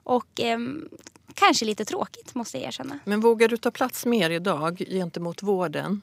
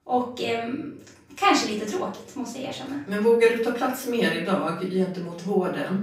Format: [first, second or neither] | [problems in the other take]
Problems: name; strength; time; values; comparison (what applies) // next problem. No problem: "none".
first | off-mic speech; far // room echo; noticeable; dies away in 0.6 s